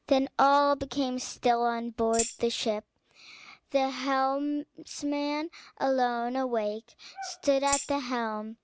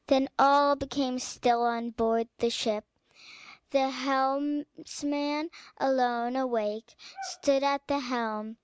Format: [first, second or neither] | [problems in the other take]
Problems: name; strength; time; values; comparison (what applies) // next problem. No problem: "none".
second | background sound (Tambourine); 7 dB below the speech